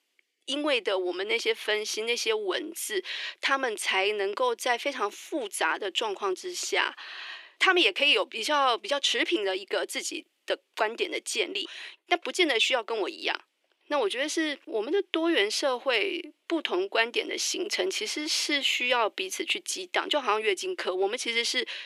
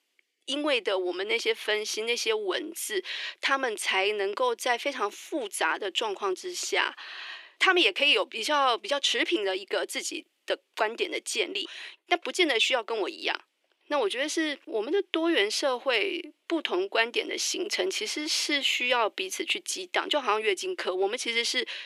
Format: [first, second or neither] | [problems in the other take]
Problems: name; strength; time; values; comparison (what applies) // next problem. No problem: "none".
neither | thin; very; fading below 350 Hz; the same in both